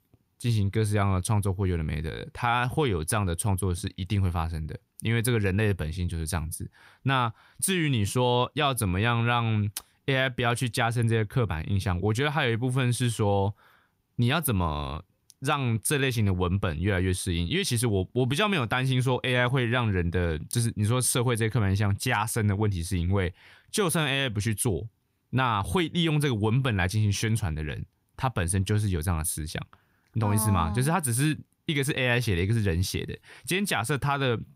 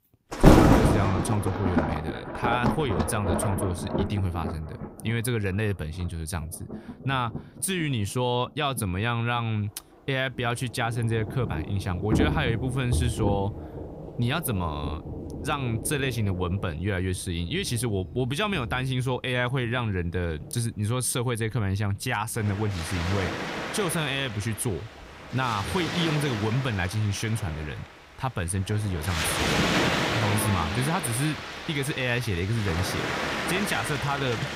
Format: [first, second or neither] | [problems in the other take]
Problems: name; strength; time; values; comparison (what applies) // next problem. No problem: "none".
first | rain or running water; loud; throughout; as loud as the speech